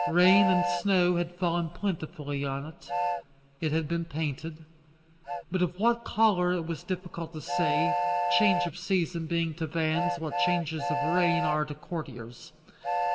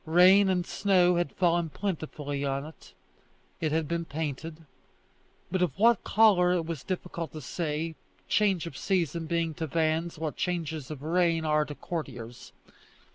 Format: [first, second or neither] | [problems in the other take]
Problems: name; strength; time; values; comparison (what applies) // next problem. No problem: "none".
second | background sound (Train); 4 dB below the speech // room echo; dies away in 2.1 s